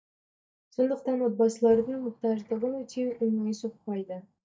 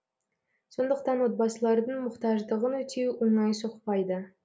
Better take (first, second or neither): second